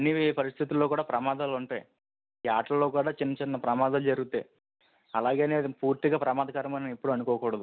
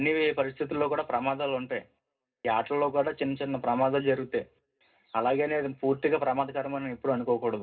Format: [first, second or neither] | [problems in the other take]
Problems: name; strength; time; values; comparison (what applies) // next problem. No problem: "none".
first | room echo; dies away in 0.2 s